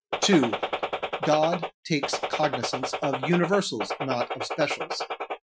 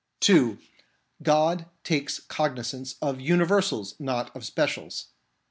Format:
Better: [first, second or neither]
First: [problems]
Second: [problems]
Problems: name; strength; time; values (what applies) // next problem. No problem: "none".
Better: second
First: noise reduction (classical method Wiener filter)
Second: none